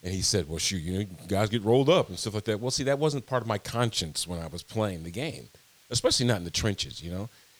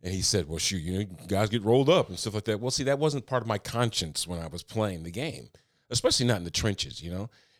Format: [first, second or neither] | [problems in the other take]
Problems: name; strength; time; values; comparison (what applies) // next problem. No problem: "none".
second | hiss; faint; throughout; 30 dB below the speech